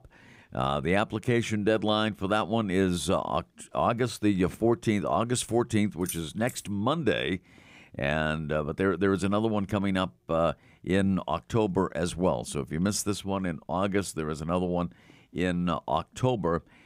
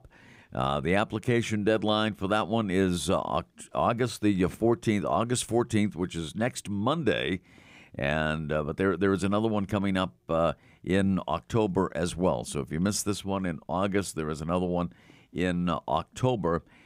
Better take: second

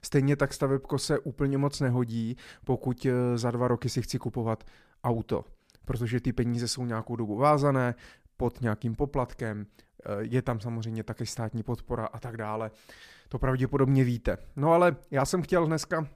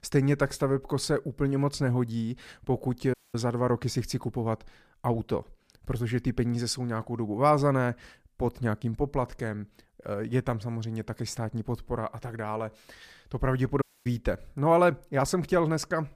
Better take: first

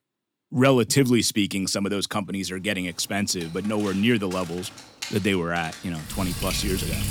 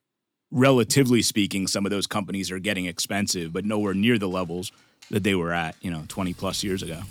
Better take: second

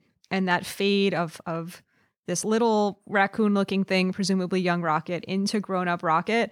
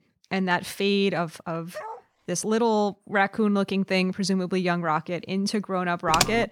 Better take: first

